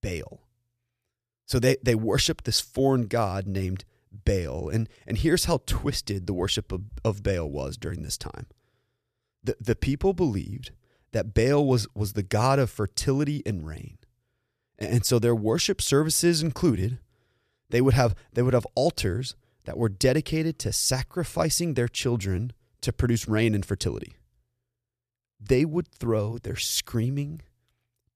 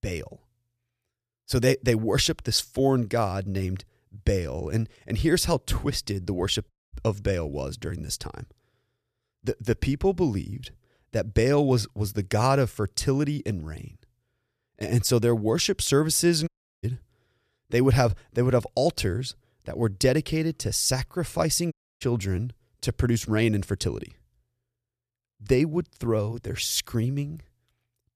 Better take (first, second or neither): first